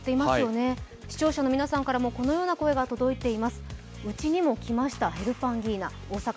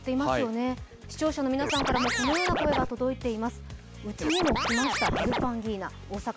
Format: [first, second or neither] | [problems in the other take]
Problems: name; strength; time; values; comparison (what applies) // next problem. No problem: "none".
first | background sound (Scratching (performance technique)); 1 dB above the speech